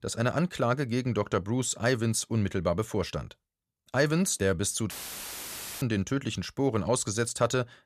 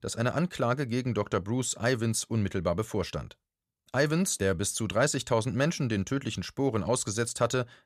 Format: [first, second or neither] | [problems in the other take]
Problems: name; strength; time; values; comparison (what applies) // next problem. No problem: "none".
second | audio cutting out; filled with static; at 5 s for 1 s